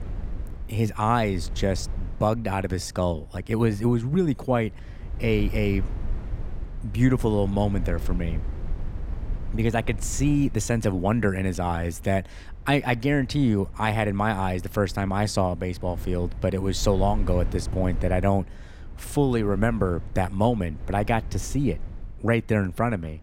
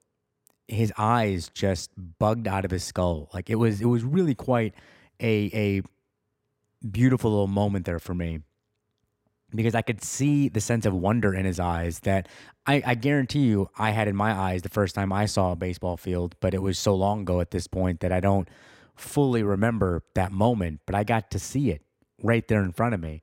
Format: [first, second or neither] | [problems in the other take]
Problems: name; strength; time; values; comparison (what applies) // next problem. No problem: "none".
second | wind noise on the microphone; occasional gusts; 20 dB below the speech